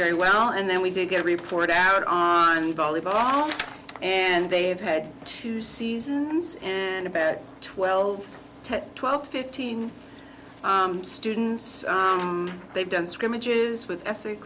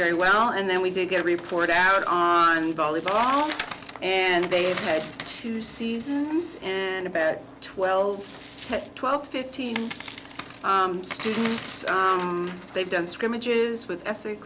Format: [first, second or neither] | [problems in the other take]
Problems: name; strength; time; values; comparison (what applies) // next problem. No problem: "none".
first | background sound (Coin (dropping)); 17 dB below the speech